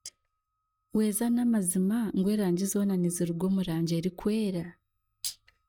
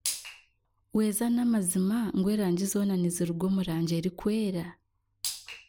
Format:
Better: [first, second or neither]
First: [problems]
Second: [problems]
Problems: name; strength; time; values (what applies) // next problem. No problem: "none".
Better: second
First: noise reduction (neural mask model DeepFilterNet 3)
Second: none